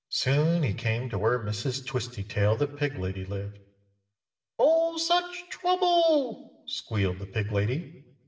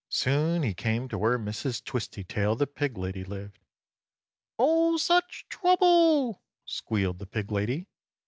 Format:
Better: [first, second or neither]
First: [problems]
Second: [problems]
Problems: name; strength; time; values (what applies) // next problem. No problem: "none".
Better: second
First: room echo; dies away in 0.7 s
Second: none